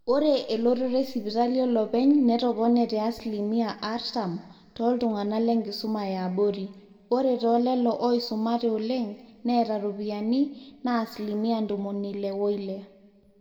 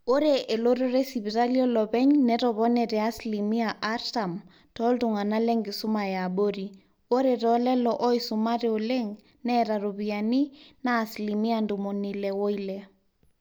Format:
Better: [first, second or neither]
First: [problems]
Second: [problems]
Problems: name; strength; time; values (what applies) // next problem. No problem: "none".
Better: second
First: room echo; dies away in 1.2 s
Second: none